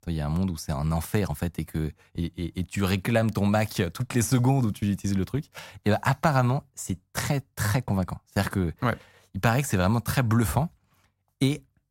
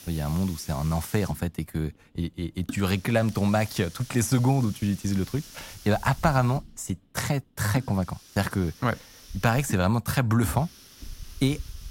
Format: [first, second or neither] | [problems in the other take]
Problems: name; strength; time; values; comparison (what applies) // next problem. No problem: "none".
first | hiss; noticeable; throughout; 15 dB below the speech